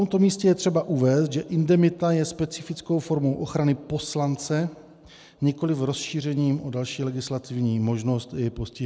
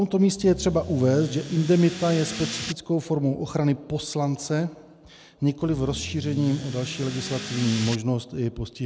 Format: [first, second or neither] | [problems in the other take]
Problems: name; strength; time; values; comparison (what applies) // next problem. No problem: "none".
first | background sound (Accelerating, revving, vroom / Car); 10 dB below the speech